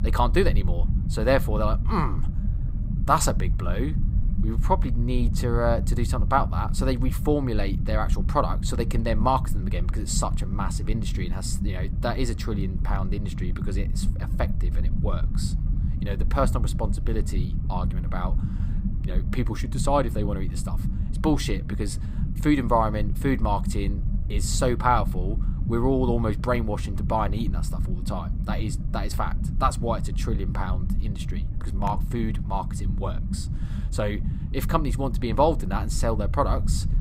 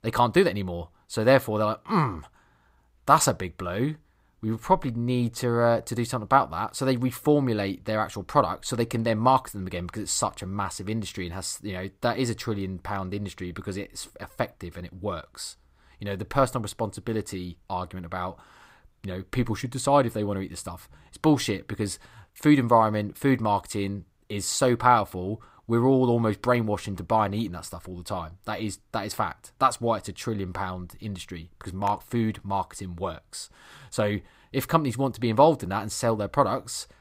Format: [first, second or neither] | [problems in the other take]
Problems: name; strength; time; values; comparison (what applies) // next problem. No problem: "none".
second | low rumble; noticeable; throughout; 15 dB below the speech